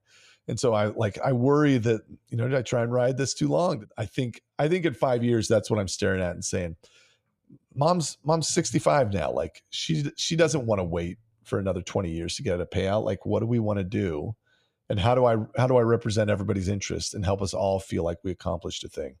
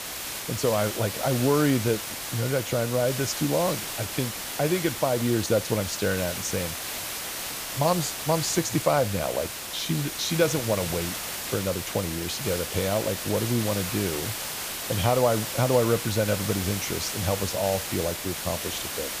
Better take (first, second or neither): first